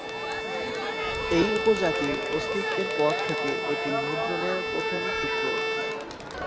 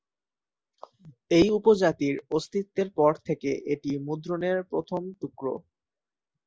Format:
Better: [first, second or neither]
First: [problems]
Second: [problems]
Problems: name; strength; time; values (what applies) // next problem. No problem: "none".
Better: second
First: background sound (Crowd + Bowed string instrument); 2 dB above the speech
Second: none